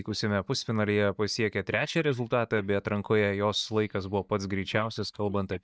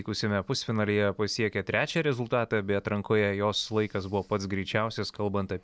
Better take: second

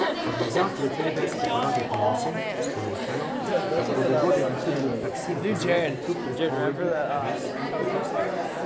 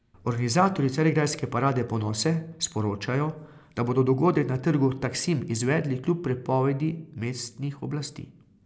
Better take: second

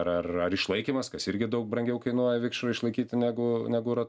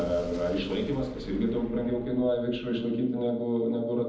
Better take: first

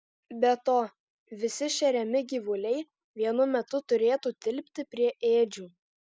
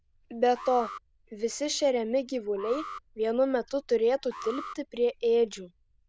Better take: first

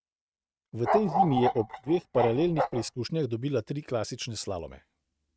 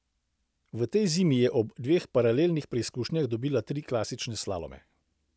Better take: second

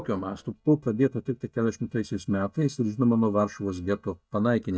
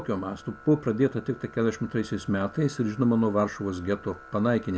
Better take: second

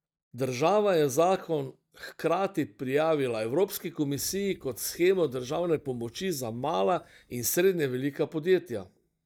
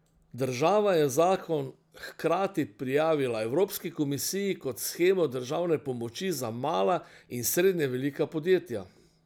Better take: second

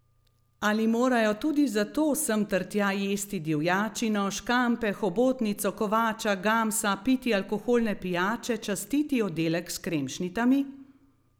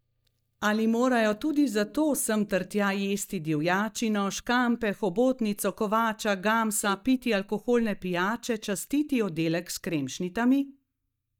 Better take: first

